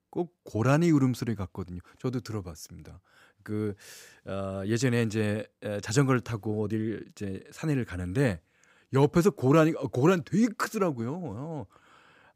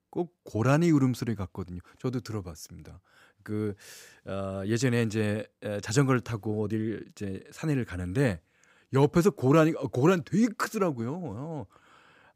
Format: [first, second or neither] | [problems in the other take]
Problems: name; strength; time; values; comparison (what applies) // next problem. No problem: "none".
neither | none